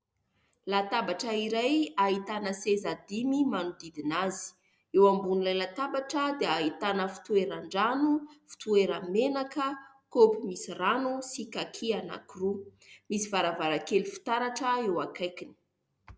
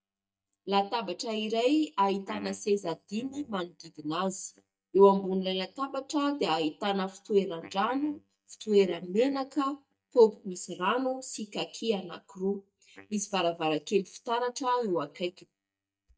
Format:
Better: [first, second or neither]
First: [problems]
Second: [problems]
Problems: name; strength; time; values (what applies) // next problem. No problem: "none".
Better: first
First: none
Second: noise reduction (neural mask model DeepFilterNet 3)